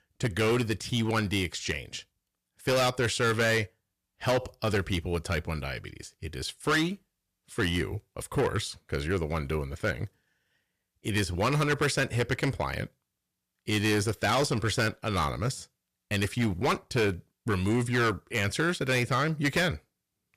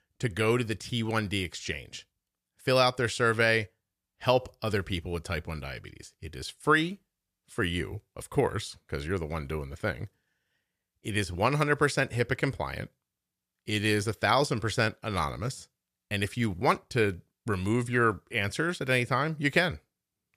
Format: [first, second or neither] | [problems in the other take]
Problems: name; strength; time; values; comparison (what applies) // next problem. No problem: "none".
second | distortion; heavy; 8% of the sound clipped